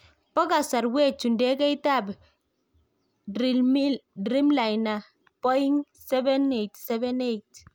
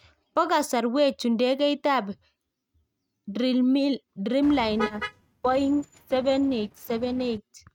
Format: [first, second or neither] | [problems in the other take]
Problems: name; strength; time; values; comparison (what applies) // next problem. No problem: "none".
first | noise reduction (neural mask model RNNoise)